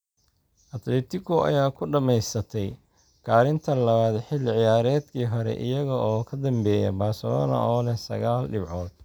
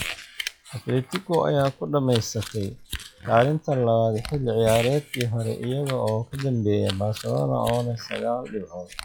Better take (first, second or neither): first